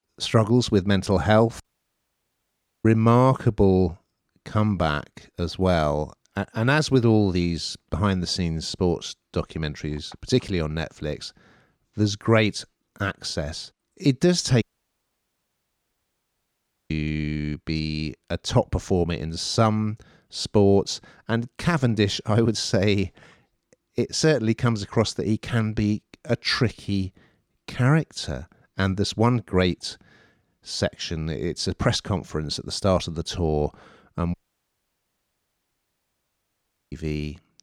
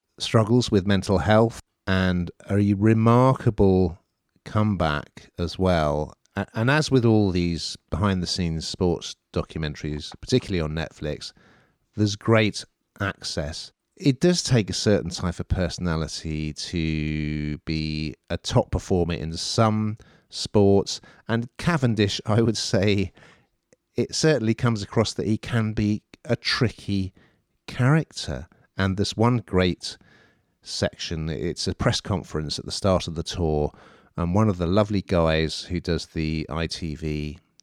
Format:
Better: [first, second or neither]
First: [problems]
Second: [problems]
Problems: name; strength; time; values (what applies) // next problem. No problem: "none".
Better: second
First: audio cutting out; at 1.5 s for 1 s, at 15 s for 2.5 s and at 34 s for 2.5 s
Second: none